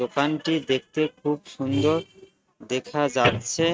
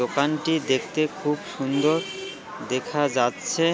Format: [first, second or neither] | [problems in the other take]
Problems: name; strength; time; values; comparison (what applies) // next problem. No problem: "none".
second | noise reduction (neural mask model RNNoise)